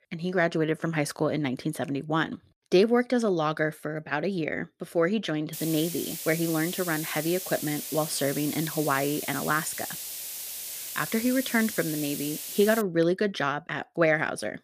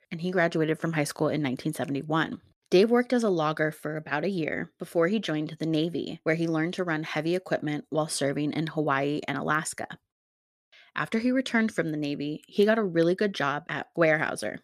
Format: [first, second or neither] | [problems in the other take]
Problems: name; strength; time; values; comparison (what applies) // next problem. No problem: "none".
second | hiss; loud; from 5.5 to 13 s; 7 dB below the speech